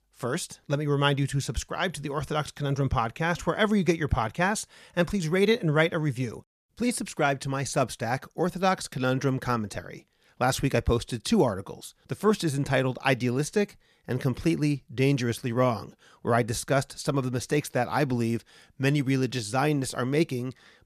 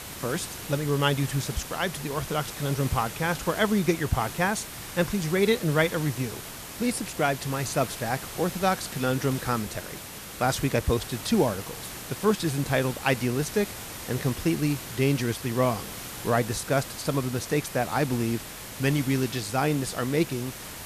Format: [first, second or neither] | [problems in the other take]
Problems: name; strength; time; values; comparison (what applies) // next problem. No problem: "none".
first | hiss; loud; throughout; 10 dB below the speech